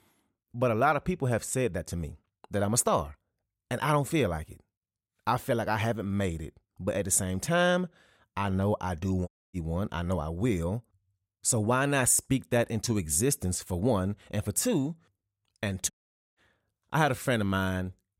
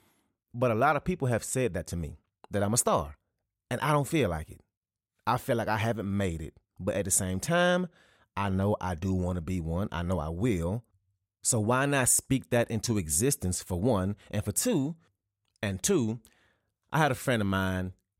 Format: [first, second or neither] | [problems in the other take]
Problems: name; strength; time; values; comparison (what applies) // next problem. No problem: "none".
second | audio cutting out; at 9.5 s and at 16 s